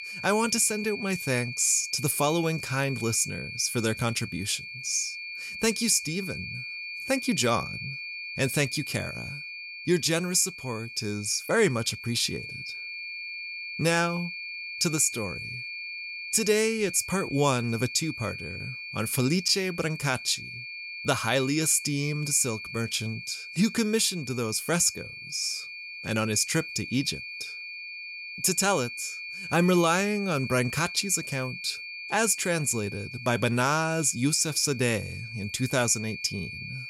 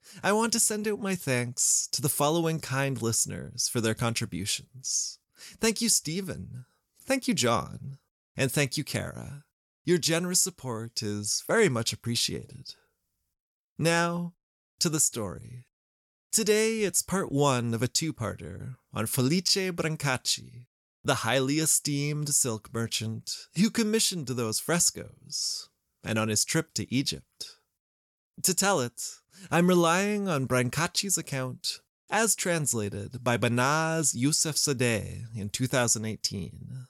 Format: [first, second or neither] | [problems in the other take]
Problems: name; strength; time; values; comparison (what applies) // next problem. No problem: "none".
second | high-pitched whine; loud; throughout; 2.5 kHz, 10 dB below the speech